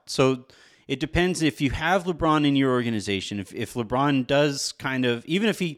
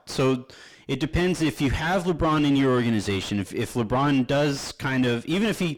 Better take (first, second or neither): first